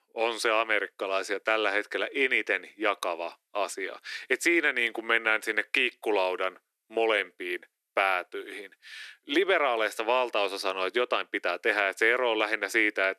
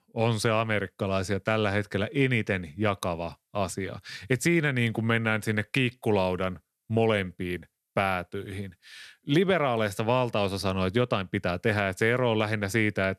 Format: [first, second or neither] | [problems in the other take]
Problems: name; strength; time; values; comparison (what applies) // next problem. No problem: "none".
second | thin; very; fading below 300 Hz